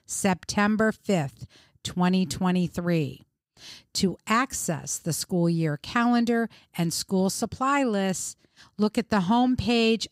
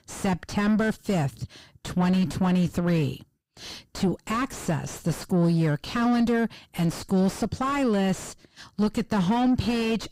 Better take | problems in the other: first | distortion; heavy; 5 dB below the speech

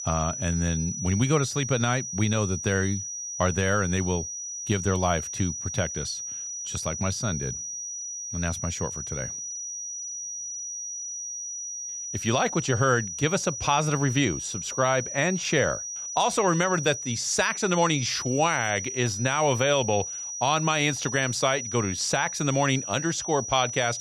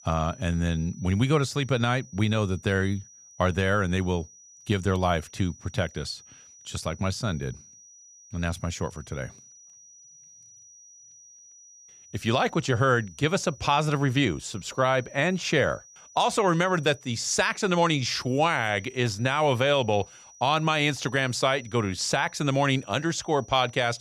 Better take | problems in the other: second | high-pitched whine; loud; throughout; 6 kHz, 6 dB below the speech; faint in the second

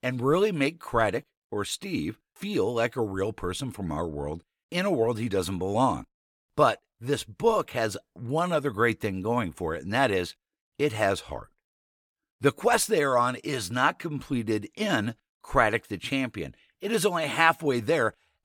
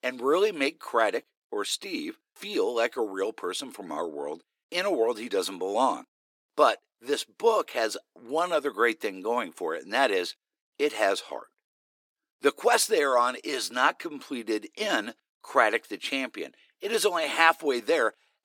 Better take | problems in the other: first | thin; somewhat; fading below 300 Hz

